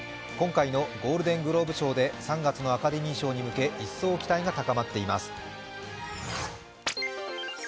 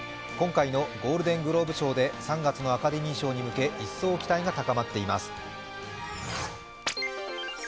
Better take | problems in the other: first | background sound (Wind instrument, woodwind instrument); 18 dB below the speech

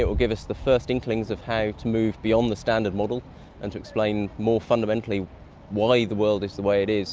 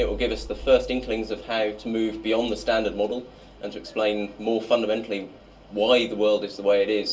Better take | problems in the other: first | room echo; dies away in 0.2 s

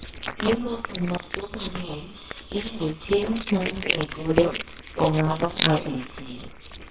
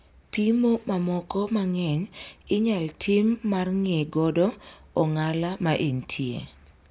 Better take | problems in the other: second | noise reduction (neural separator model SepFormer WHAMR!)

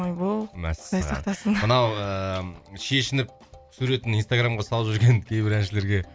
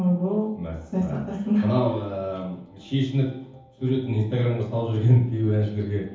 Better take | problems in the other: first | room echo; dies away in 0.7 s

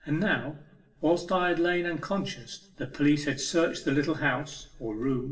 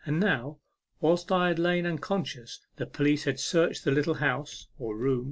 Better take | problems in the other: second | room echo; dies away in 0.6 s

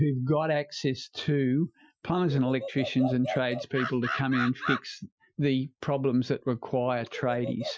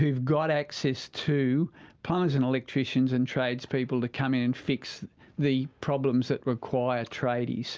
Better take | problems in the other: second | noise reduction (classical method Wiener filter)

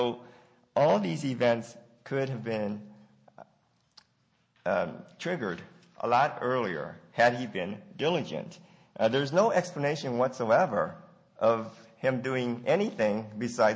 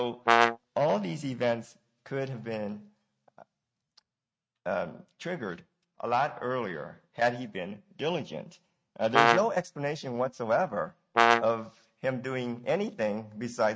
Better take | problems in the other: first | noise reduction (neural mask model RNNoise)

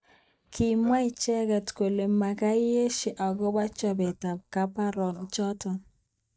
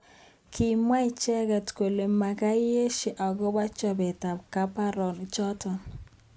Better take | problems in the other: second | noise reduction (neural mask model DeepFilterNet 3)

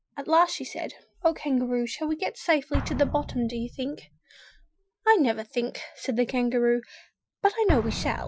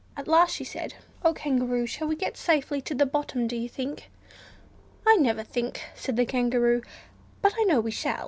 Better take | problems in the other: second | noise reduction (classical method Wiener filter)

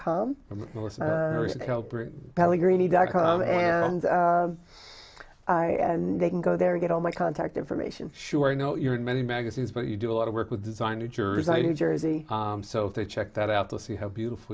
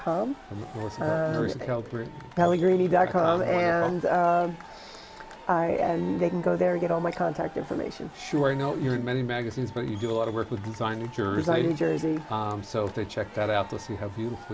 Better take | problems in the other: first | background sound (Crowd / Cheering); 17 dB below the speech

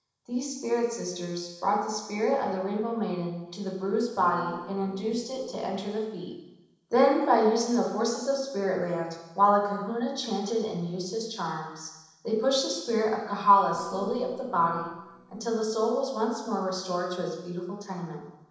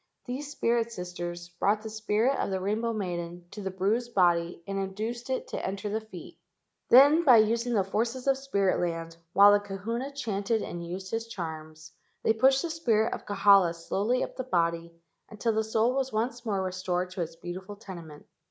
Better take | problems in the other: second | noise reduction (neural separator model SepFormer DNS4)

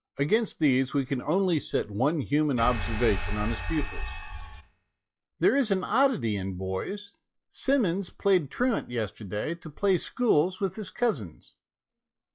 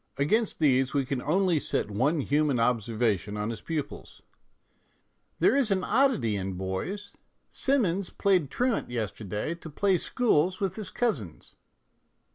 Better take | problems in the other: second | noise reduction (classical method log-MMSE)

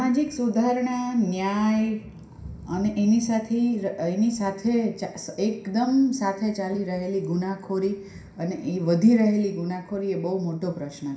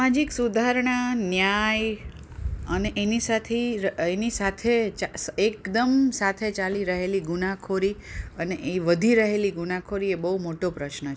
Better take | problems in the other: second | room echo; dies away in 0.5 s

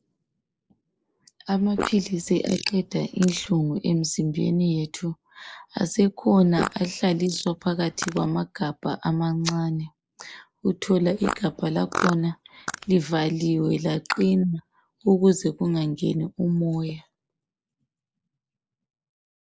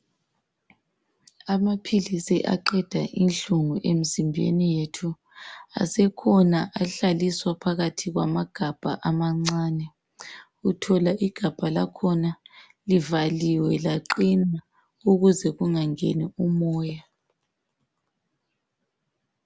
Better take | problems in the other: second | noise reduction (neural mask model Resemble Enhance denoiser)

